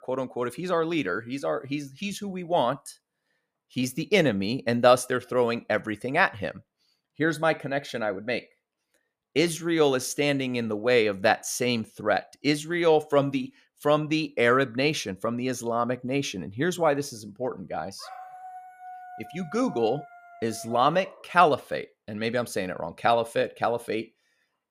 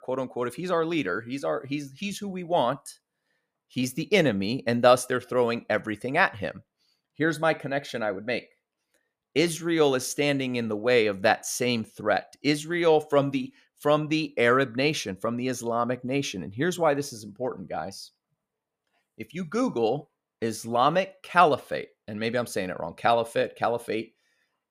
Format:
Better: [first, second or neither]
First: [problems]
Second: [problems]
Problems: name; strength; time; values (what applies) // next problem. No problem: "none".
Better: second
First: dog barking; faint; from 18 to 21 s; peak 15 dB below the speech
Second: none